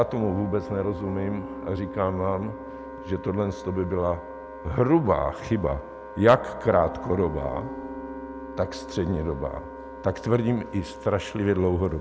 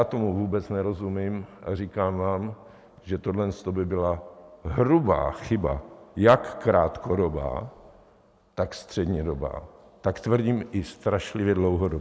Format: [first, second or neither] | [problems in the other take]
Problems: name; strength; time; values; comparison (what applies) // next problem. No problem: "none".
second | background sound (Wind instrument, woodwind instrument + Piano); 12 dB below the speech